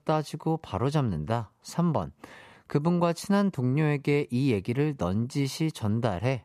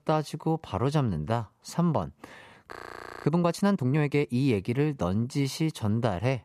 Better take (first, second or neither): first